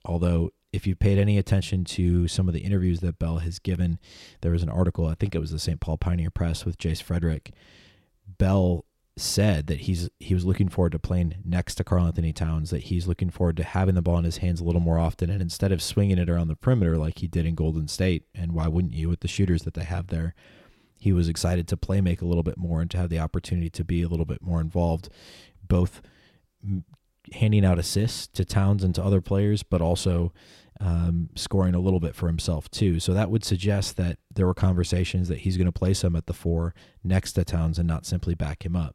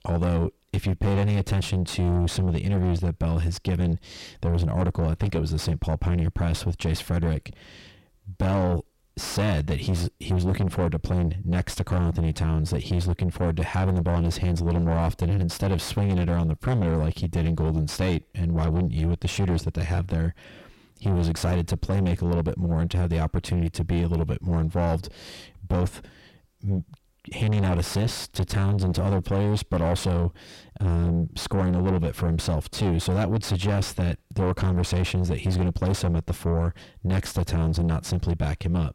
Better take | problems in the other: first | distortion; heavy; 7 dB below the speech

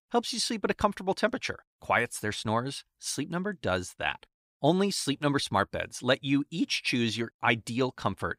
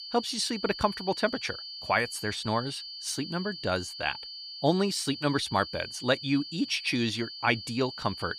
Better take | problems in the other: first | high-pitched whine; loud; throughout; 4.5 kHz, 9 dB below the speech

